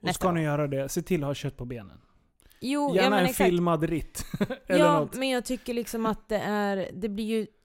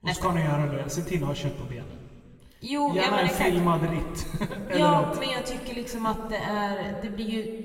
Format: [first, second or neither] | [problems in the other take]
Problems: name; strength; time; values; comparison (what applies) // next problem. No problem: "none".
first | room echo; noticeable; dies away in 1.9 s // off-mic speech; somewhat distant